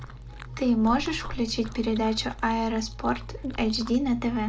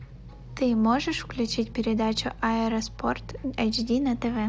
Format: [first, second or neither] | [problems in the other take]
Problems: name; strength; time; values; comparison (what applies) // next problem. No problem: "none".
second | background sound (Chewing, mastication); 17 dB below the speech // room echo; dies away in 0.2 s